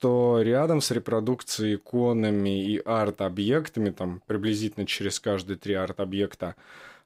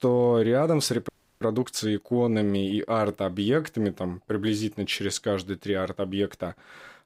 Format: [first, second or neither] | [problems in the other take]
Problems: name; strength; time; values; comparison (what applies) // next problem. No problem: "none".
first | audio freezing; at 1 s